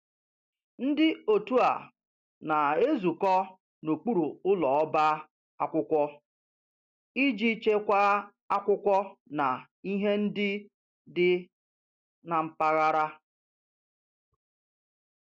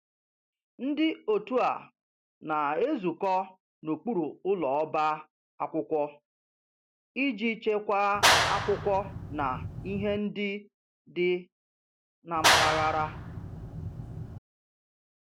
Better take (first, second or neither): first